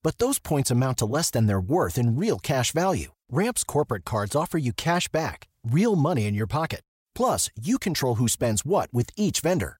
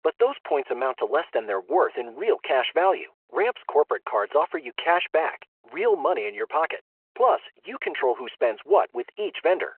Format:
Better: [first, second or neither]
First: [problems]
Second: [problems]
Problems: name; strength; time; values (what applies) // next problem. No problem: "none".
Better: first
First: none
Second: phone-call audio